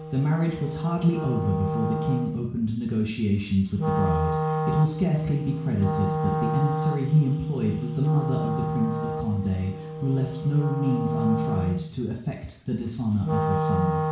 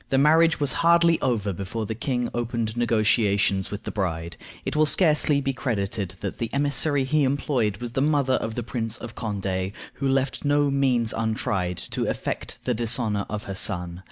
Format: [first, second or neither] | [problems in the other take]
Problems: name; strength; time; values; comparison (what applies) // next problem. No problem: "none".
second | background sound (Wind instrument, woodwind instrument); 3 dB below the speech // room echo; dies away in 0.6 s